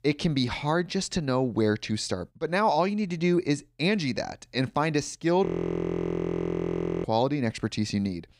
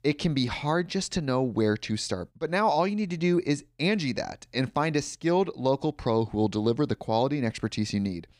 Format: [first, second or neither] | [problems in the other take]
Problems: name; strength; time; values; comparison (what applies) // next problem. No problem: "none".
second | audio freezing; at 5.5 s for 1.5 s